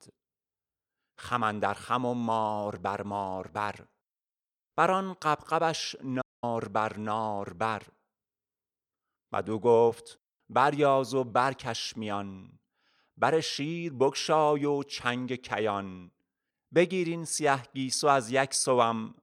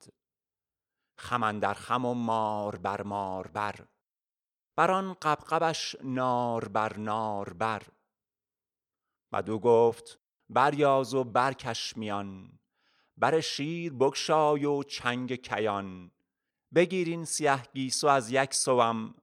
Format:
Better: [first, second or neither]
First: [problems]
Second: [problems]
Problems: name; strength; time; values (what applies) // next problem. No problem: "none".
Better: second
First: audio cutting out; at 6 s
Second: none